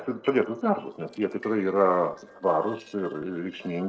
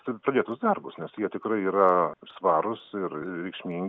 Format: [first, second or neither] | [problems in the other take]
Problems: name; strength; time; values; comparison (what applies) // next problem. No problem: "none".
second | noise reduction (neural separator model SepFormer DNS4)